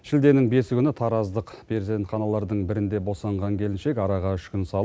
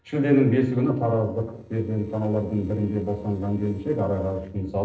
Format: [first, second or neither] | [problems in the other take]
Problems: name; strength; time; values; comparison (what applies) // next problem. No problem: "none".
first | noise reduction (neural separator model SepFormer DNS4)